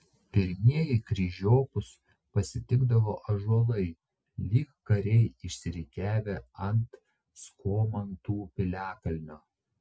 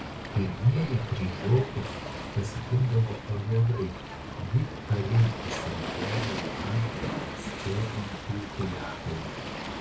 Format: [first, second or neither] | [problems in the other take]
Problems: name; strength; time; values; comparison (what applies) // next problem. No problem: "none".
first | background sound (Waves, surf); 7 dB below the speech // room echo; dies away in 0.3 s